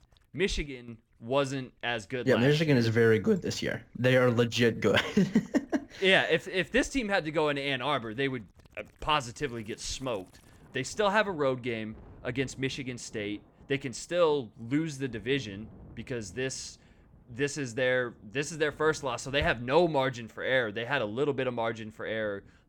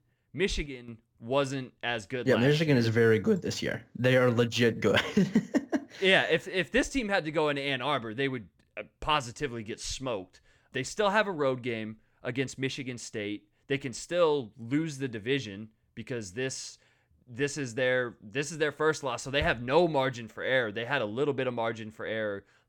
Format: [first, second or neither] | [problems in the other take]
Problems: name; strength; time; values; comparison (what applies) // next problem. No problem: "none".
second | rain or running water; faint; throughout; 30 dB below the speech